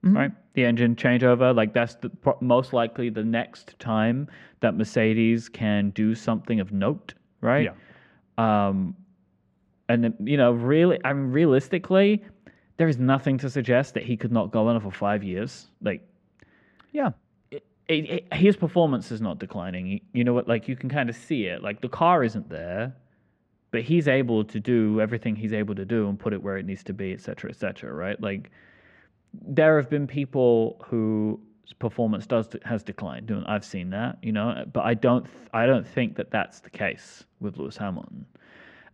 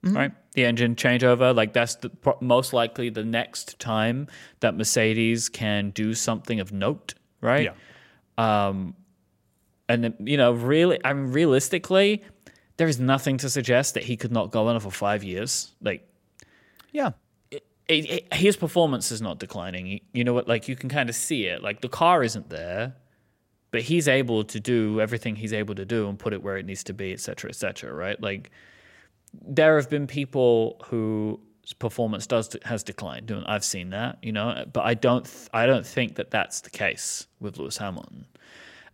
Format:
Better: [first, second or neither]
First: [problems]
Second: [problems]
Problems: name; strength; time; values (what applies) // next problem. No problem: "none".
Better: second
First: muffled; very; fading above 2.5 kHz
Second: none